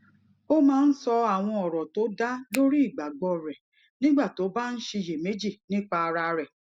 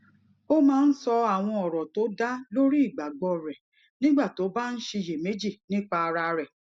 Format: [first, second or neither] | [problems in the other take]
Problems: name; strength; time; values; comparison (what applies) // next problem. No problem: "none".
second | background sound (Finger snapping); 13 dB below the speech